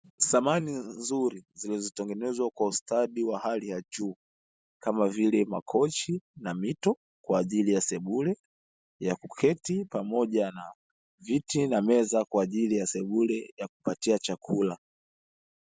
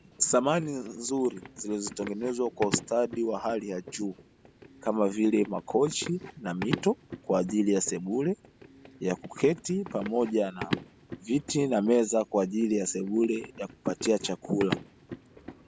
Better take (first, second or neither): first